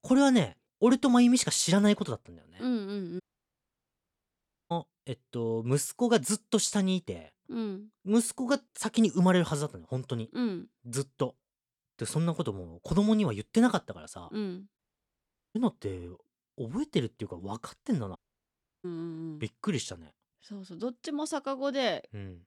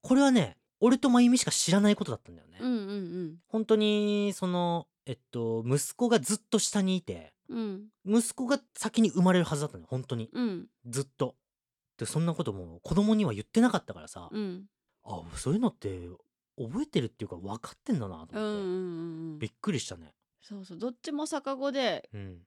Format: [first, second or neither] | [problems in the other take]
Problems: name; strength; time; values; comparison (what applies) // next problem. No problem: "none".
second | audio cutting out; at 3 s for 1.5 s, at 15 s for 1 s and at 18 s for 0.5 s